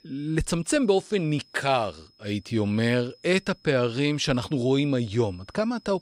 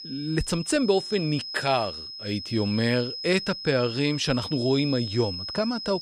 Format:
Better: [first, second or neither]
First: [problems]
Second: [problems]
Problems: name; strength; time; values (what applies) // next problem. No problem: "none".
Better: first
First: high-pitched whine; faint; throughout; 5 kHz, 30 dB below the speech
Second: high-pitched whine; loud; throughout; 5 kHz, 8 dB below the speech